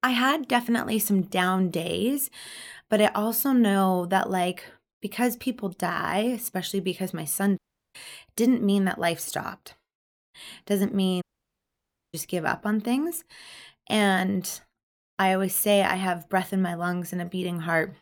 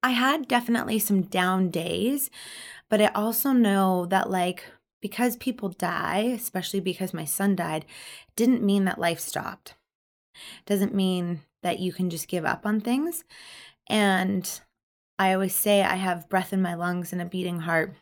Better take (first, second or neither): second